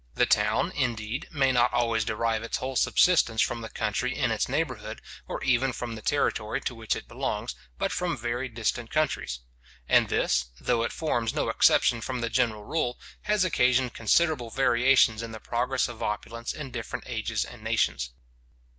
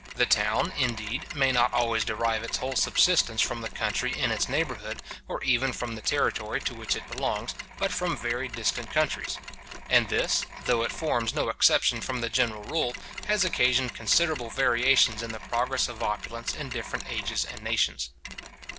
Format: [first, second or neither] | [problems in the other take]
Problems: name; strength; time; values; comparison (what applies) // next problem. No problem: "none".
first | background sound (Mechanisms); 12 dB below the speech